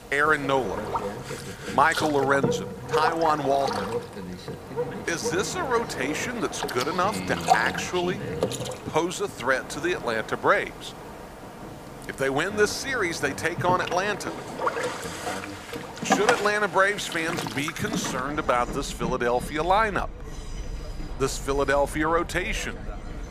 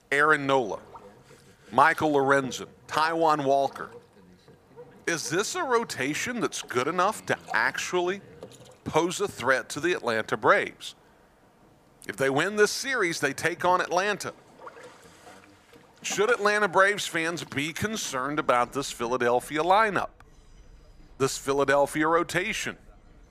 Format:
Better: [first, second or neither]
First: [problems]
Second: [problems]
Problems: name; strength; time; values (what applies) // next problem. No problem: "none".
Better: second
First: train or aircraft noise; loud; throughout; 7 dB below the speech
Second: train or aircraft noise; faint; throughout; 25 dB below the speech